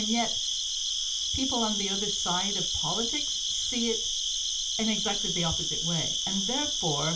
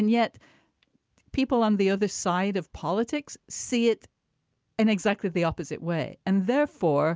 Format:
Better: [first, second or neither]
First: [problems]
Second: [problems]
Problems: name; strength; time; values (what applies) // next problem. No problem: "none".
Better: second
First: background sound (Cricket); 4 dB above the speech // room echo; dies away in 0.2 s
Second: none